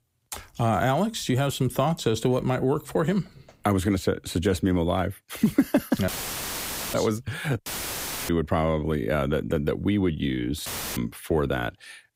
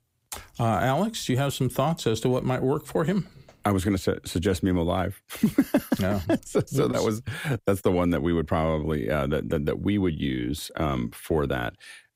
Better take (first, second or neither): second